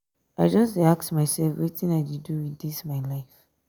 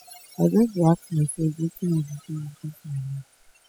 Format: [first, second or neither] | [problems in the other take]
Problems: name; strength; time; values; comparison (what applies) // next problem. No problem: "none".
first | noise reduction (classical method spectral subtraction)